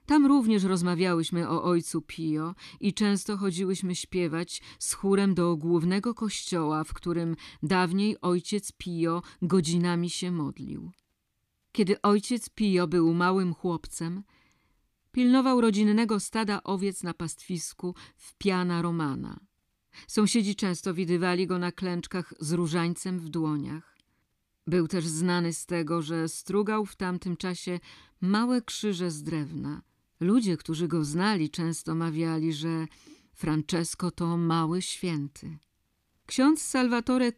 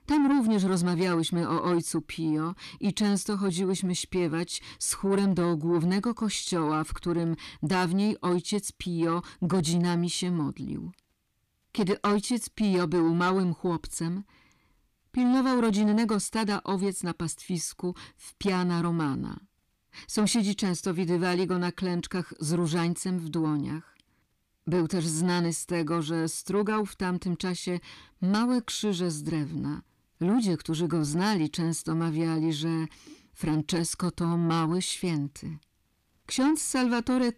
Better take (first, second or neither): first